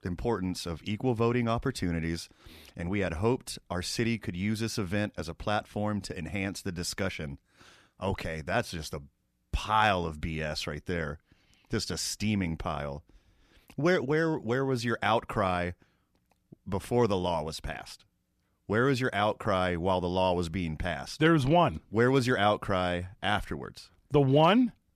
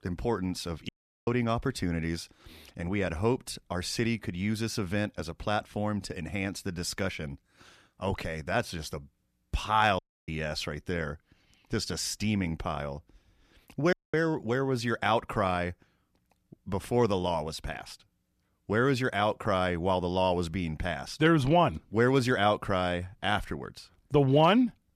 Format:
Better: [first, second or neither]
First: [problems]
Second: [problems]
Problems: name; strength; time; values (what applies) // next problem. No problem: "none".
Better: first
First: none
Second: audio cutting out; at 1 s, at 10 s and at 14 s